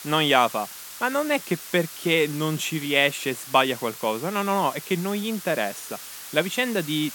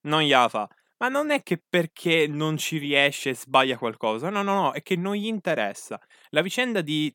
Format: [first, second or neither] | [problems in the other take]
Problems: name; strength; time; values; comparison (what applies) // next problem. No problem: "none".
second | hiss; noticeable; throughout; 15 dB below the speech